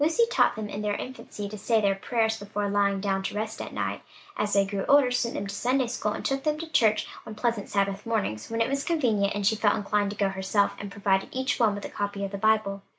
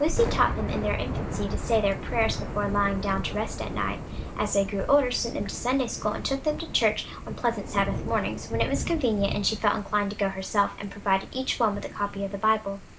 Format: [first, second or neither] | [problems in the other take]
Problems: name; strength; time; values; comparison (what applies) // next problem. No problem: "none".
first | background sound (Thunder / Rain); 6 dB below the speech